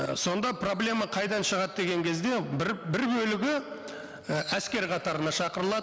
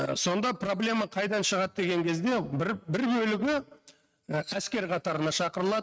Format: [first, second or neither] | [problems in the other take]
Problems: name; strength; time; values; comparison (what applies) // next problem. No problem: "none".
first | noise reduction (neural mask model RNNoise)